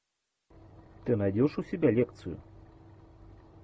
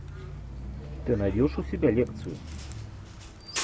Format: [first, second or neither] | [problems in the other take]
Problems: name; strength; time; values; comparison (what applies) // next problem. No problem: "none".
first | background sound (Bus); 6 dB below the speech